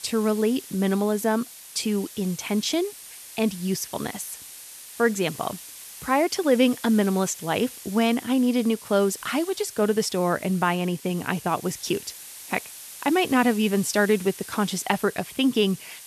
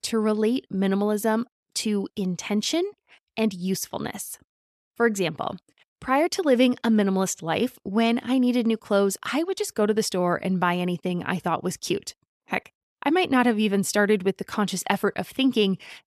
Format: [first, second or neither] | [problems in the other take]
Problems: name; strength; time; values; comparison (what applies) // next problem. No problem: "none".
second | hiss; noticeable; throughout; 15 dB below the speech